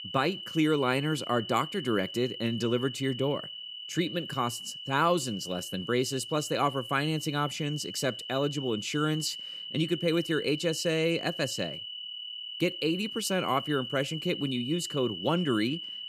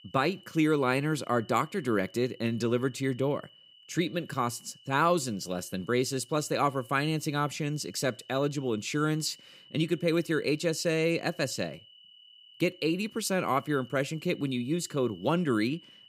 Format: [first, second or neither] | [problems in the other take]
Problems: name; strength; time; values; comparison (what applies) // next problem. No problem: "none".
second | high-pitched whine; loud; throughout; 3 kHz, 8 dB below the speech; faint in the second